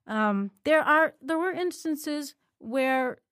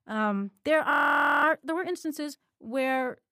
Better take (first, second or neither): first